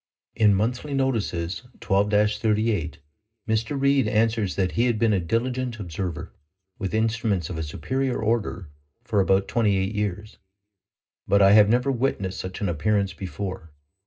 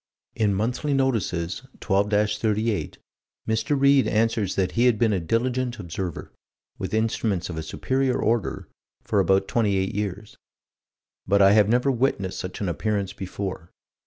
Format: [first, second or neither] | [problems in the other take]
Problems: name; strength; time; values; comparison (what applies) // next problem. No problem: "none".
second | room echo; dies away in 0.2 s